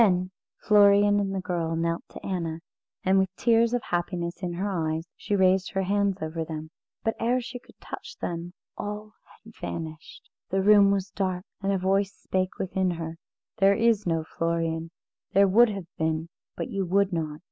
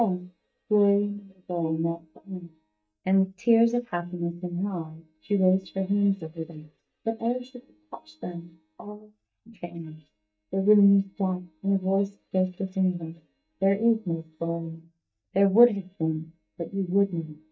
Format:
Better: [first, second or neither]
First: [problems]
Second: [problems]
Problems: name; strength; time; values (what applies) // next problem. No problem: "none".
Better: first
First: none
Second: noise reduction (neural mask model DeepFilterNet 3)